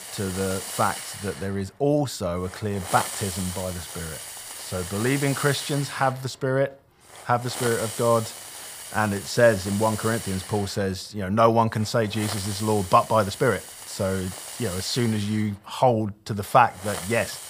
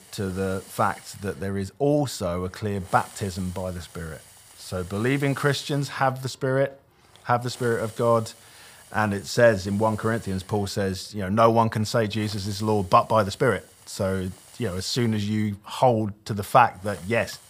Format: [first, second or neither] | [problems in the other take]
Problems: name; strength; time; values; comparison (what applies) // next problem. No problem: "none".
second | hiss; loud; throughout; 9 dB below the speech; faint in the second